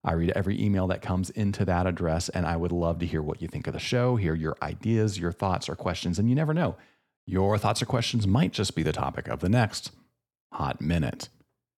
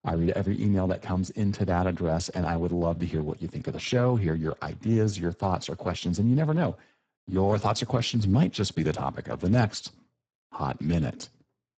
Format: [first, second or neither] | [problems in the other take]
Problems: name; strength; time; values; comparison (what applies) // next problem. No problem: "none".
first | garbled, watery; badly; nothing above 7.5 kHz